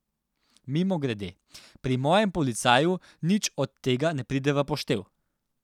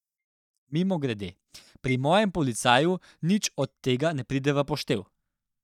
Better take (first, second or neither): first